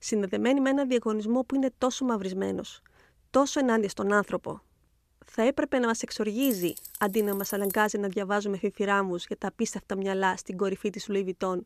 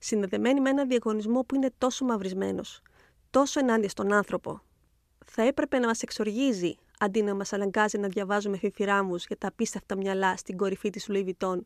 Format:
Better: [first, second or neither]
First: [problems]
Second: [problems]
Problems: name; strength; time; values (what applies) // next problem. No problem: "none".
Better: second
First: jangling keys; noticeable; from 6.5 to 8 s; peak 8 dB below the speech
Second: none